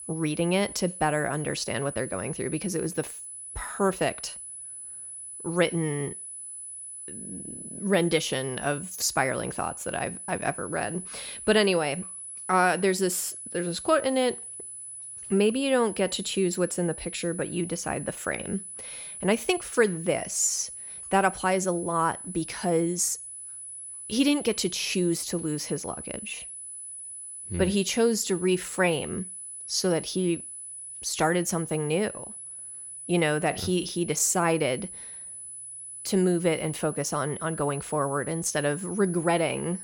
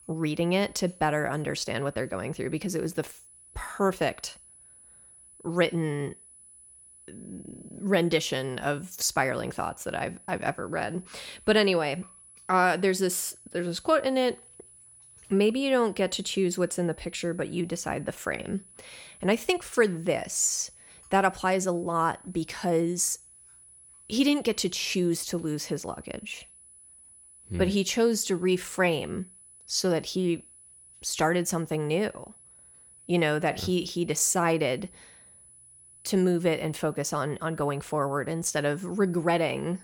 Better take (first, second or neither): second